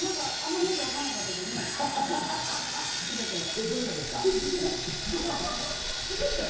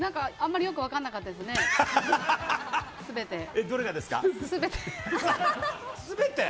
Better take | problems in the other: second | background sound (Sawing); 1 dB below the speech // room echo; dies away in 1 s

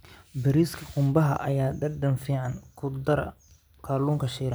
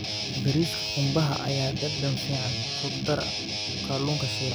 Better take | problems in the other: first | background sound (Guitar); 2 dB below the speech

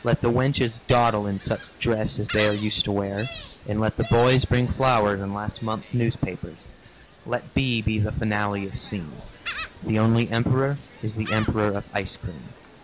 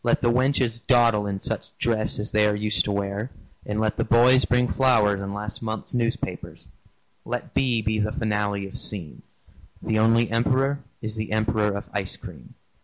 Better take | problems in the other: second | background sound (Gull, seagull); 17 dB below the speech

